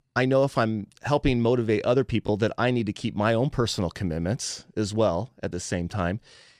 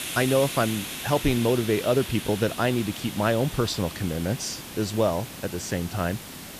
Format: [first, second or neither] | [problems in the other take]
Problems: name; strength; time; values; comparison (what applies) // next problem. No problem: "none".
first | hiss; loud; throughout; 9 dB below the speech